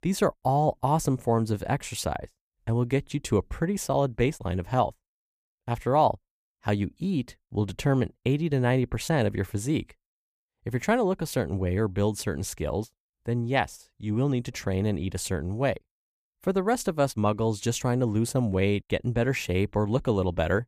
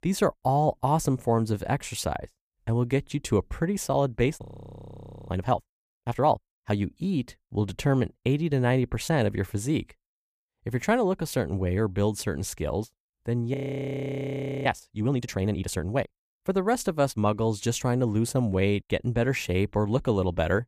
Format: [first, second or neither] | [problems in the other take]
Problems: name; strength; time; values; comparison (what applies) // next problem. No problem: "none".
first | audio freezing; at 4.5 s for 1 s and at 14 s for 1 s